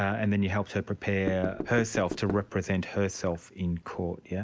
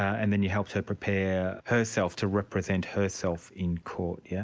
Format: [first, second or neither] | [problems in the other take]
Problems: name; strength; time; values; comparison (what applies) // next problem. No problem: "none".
second | background sound (Knock / Wood); 7 dB below the speech